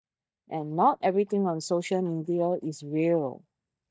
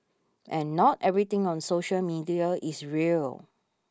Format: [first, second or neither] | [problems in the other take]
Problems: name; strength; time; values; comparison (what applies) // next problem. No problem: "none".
second | noise reduction (neural mask model DeepFilterNet 3)